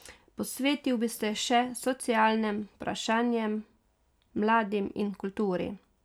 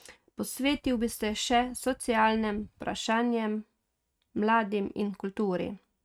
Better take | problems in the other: first | noise reduction (neural mask model RNNoise)

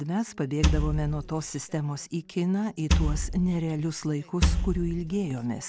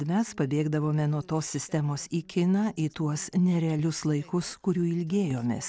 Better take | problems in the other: second | background sound (Wood); 1 dB above the speech

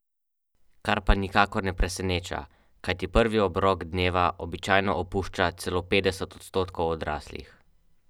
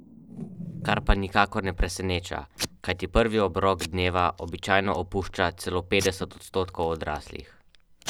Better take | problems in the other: first | background sound (Packing tape, duct tape / Tearing); 14 dB below the speech

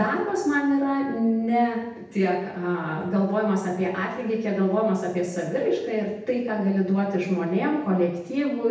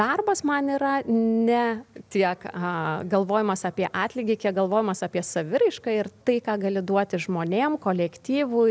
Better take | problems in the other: second | room echo; dies away in 0.8 s

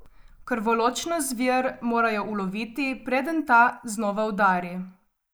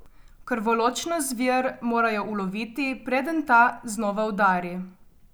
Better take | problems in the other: second | noise reduction (neural mask model Resemble Enhance denoiser)

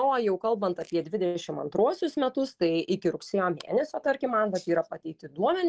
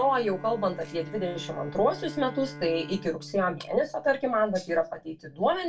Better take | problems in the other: first | background sound (Bowed string instrument); 16 dB below the speech // room echo; dies away in 0.2 s

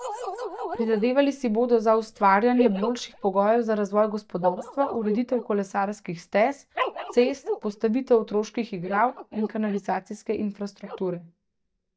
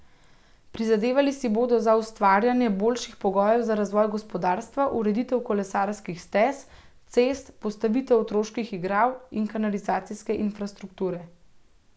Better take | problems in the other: second | noise reduction (neural mask model DeepFilterNet 3)

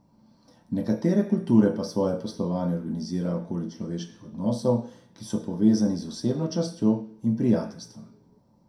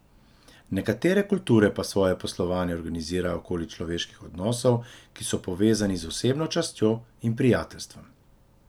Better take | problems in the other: second | room echo; dies away in 0.5 s

